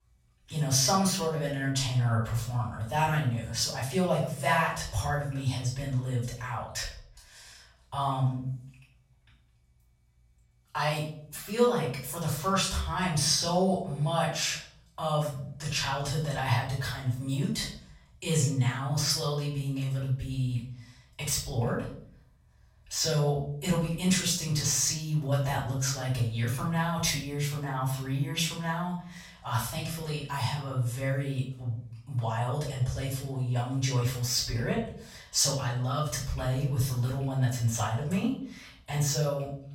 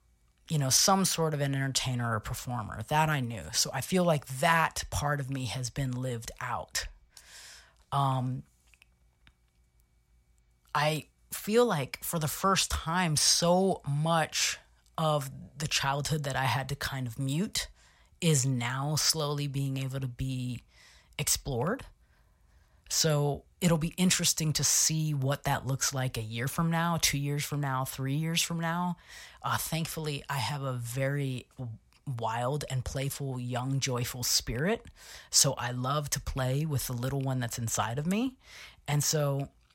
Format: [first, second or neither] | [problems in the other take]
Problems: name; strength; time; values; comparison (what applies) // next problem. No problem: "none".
second | off-mic speech; far // room echo; noticeable; dies away in 0.5 s